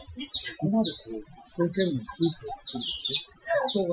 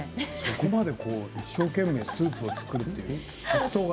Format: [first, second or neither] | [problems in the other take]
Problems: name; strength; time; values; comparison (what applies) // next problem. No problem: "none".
second | noise reduction (classical method Wiener filter)